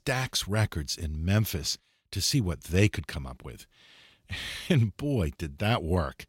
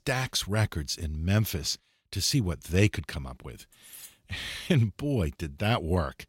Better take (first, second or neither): first